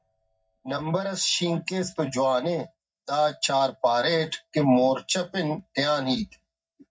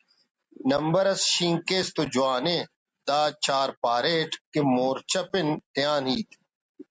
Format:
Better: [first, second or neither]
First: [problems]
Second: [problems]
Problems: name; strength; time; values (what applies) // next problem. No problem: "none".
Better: second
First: noise reduction (neural mask model DeepFilterNet 3)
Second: none